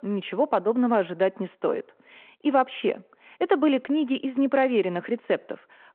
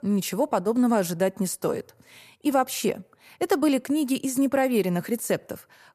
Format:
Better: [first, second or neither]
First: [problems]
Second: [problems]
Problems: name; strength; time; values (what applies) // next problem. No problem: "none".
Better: second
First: phone-call audio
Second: none